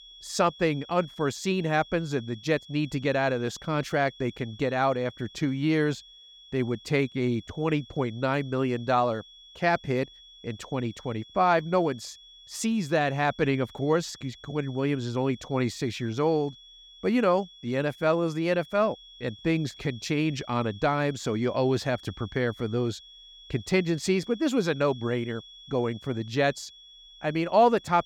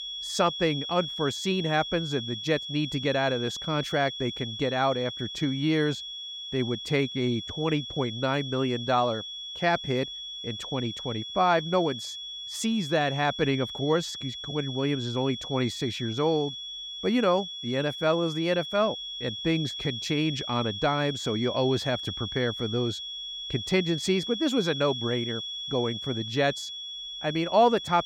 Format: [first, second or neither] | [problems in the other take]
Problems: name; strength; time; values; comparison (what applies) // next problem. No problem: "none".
first | high-pitched whine; loud; throughout; 3.5 kHz, 6 dB below the speech; faint in the first